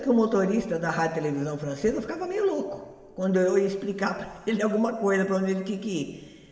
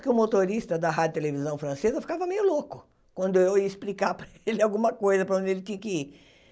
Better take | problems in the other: second | room echo; dies away in 3 s

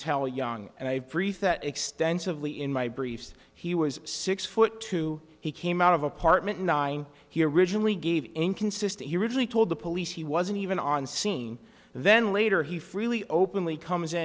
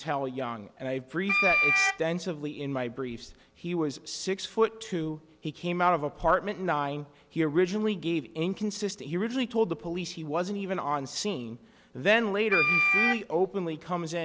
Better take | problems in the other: first | background sound (Wind instrument, woodwind instrument); 3 dB above the speech

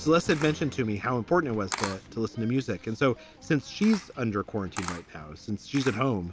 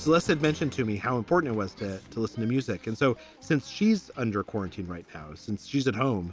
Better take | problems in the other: second | background sound (Camera); 15 dB below the speech

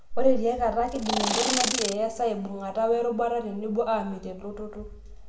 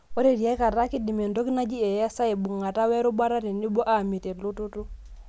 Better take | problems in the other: second | background sound (Insect); 1 dB below the speech // room echo; dies away in 0.8 s

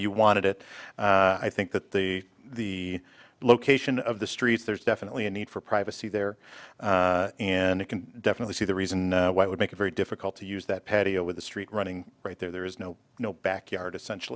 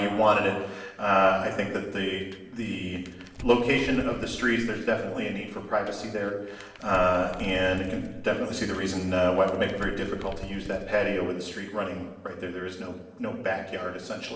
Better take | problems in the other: first | background sound (Crumpling, crinkling); 14 dB below the speech // room echo; dies away in 0.9 s

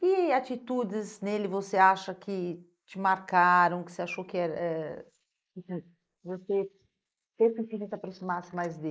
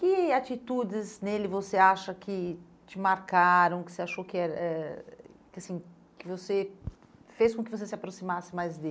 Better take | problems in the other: second | noise reduction (neural mask model Resemble Enhance denoiser)

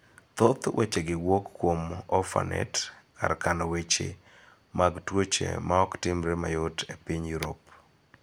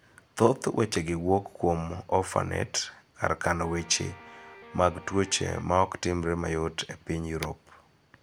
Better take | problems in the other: first | background sound (Guitar); 19 dB below the speech

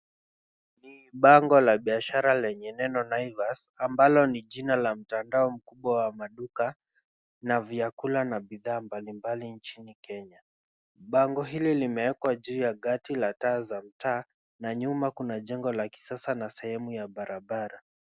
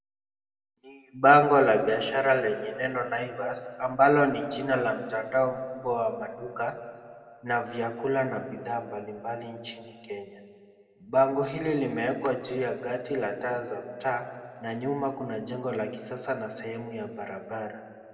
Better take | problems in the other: first | room echo; dies away in 1.7 s

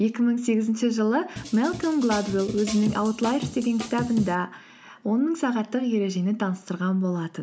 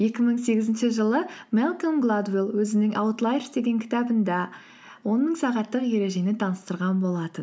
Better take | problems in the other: second | background sound (Drum kit); 11 dB below the speech

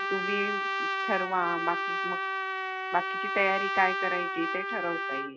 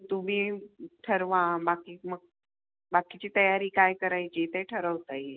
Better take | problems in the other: second | background sound (Trumpet); 1 dB above the speech

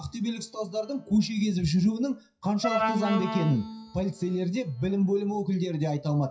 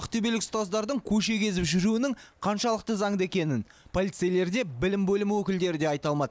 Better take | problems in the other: second | noise reduction (classical method WPE with log-MMSE)

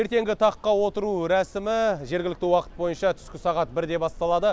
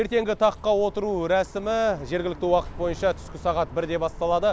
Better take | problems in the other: first | background sound (Bus); 16 dB below the speech

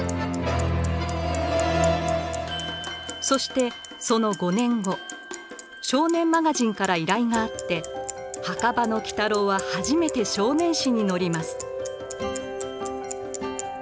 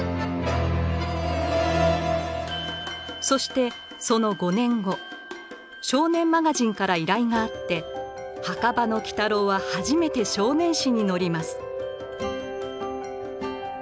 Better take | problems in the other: second | background sound (Bicycle); 18 dB below the speech

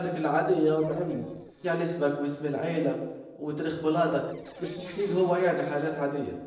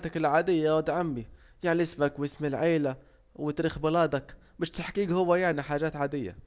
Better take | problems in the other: second | noise reduction (neural separator model SepFormer DNS4)

